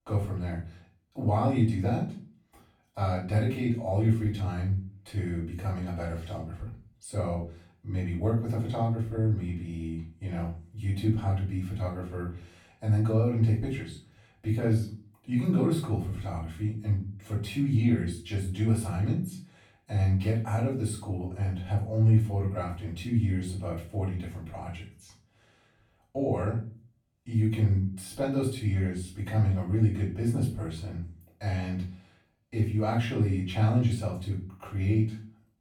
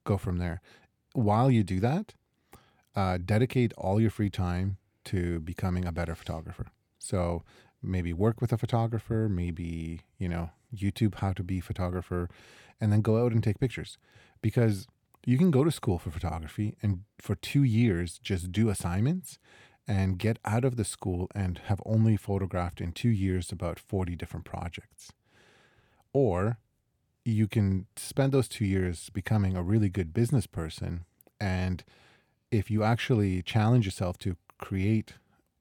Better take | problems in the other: second | off-mic speech; far // room echo; noticeable; dies away in 0.4 s

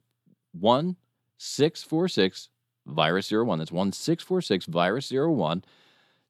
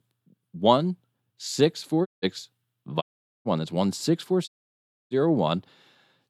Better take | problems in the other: first | audio cutting out; at 2 s, at 3 s and at 4.5 s for 0.5 s

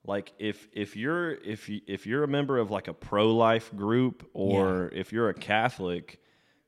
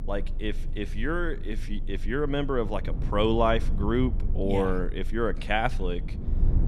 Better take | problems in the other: first | low rumble; noticeable; throughout; 20 dB below the speech

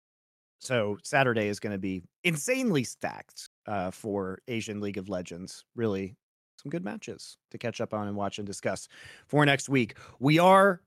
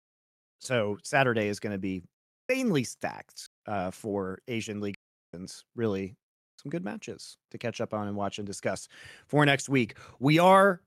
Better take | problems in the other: first | audio cutting out; at 2 s and at 5 s

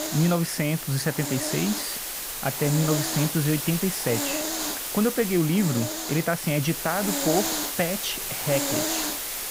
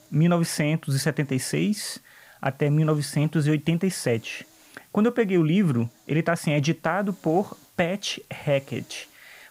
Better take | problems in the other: second | hiss; loud; throughout; 2 dB below the speech; faint in the second

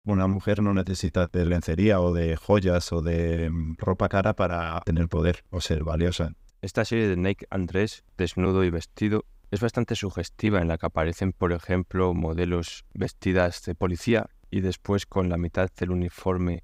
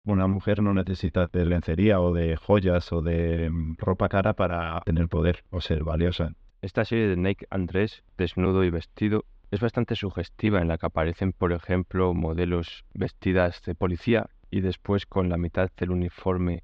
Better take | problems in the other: first | muffled; slightly; fading above 3.5 kHz

